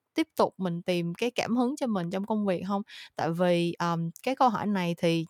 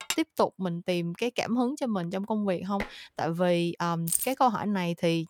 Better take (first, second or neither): first